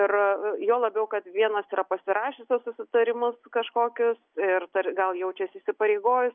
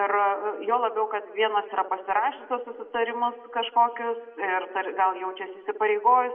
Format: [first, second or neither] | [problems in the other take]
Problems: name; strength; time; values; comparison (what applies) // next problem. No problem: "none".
first | room echo; dies away in 0.6 s